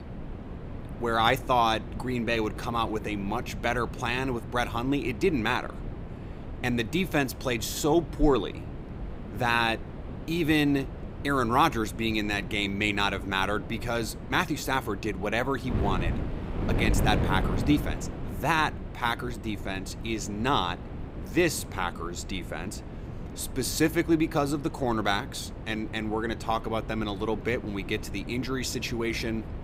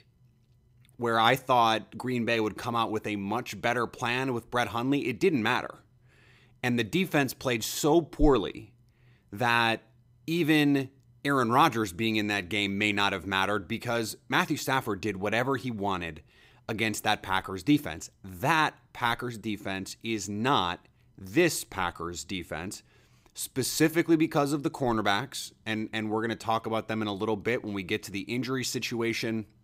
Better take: second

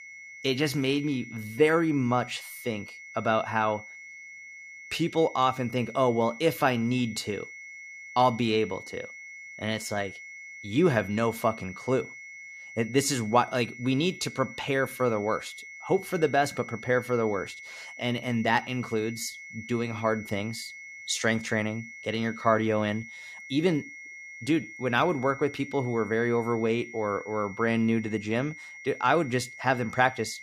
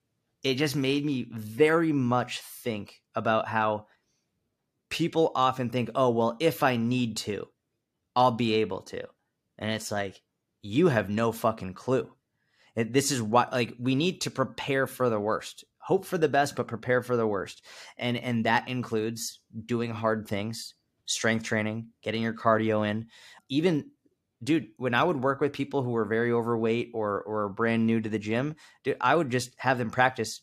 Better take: second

